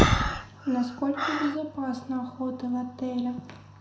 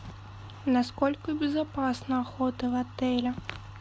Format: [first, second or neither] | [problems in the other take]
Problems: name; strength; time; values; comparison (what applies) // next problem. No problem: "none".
second | background sound (Breathing); as loud as the speech // room echo; dies away in 0.6 s